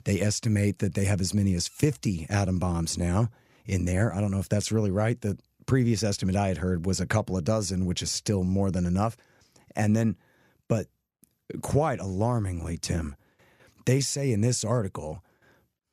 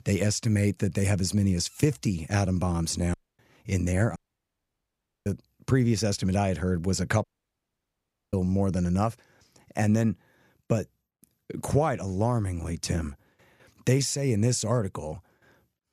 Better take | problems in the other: first | audio cutting out; at 3 s, at 4 s for 1 s and at 7 s for 1 s

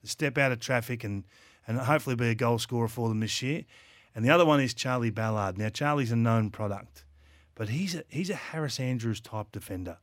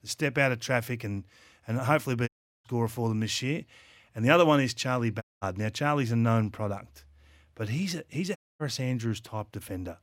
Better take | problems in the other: first | audio cutting out; at 2.5 s, at 5 s and at 8.5 s

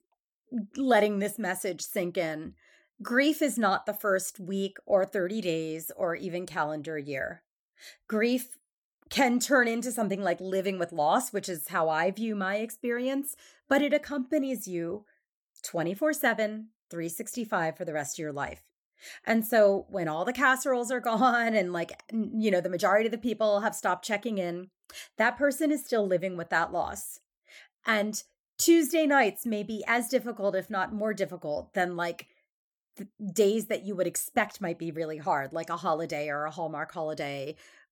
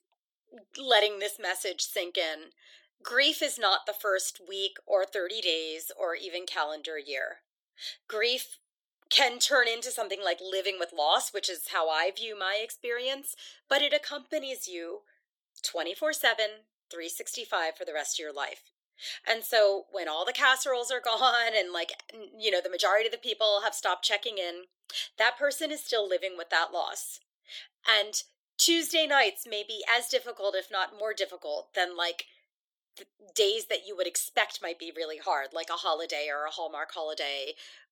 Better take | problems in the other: first | thin; very; fading below 350 Hz

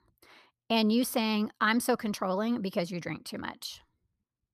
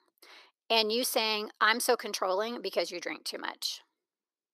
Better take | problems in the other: first | thin; somewhat; fading below 350 Hz

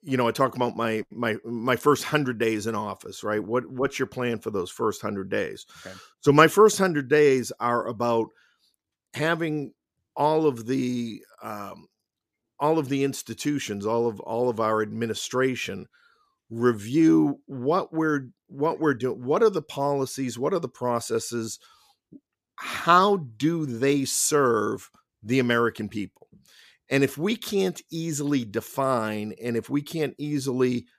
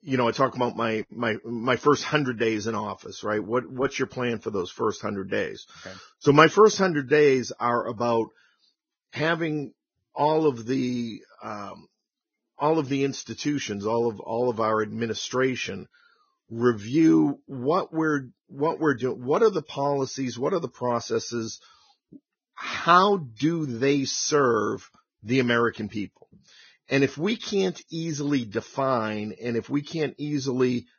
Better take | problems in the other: first | garbled, watery; badly; nothing above 6.5 kHz

